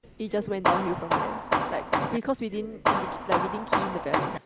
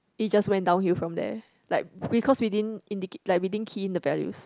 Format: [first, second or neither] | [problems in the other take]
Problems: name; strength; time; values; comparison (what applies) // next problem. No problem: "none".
second | background sound (Hammer); 4 dB above the speech